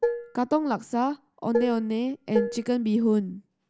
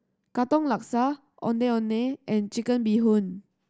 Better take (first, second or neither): second